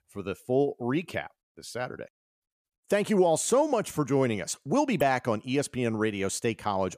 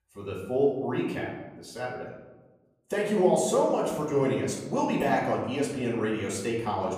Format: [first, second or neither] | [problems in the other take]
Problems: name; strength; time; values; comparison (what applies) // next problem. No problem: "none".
first | room echo; noticeable; dies away in 1 s // off-mic speech; far